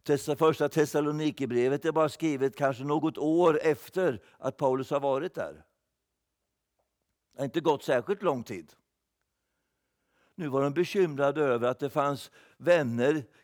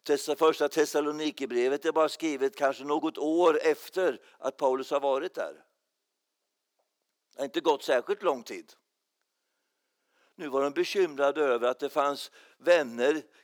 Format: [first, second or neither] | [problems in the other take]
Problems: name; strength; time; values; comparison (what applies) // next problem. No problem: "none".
first | thin; very slightly; fading below 300 Hz